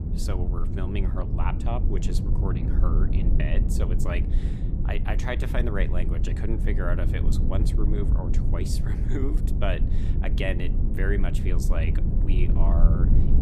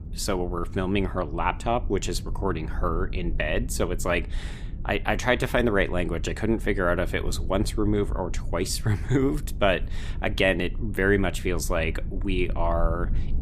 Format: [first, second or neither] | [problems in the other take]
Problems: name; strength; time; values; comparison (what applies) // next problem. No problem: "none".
second | low rumble; loud; throughout; 4 dB below the speech; faint in the second